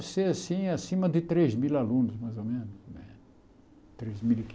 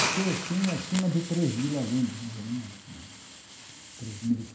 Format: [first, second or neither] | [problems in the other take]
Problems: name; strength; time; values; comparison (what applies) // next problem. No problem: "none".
first | background sound (Hiss); 7 dB below the speech // room echo; dies away in 0.5 s